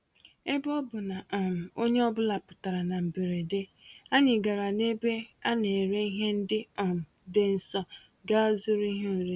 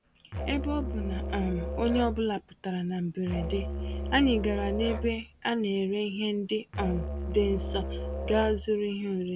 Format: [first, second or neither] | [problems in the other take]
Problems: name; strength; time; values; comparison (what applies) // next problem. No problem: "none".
first | background sound (Musical instrument); 4 dB below the speech